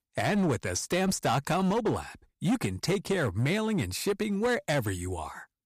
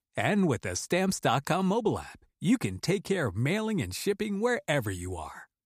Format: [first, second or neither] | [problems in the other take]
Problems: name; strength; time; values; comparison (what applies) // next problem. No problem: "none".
second | distortion; slight; 11% of the sound clipped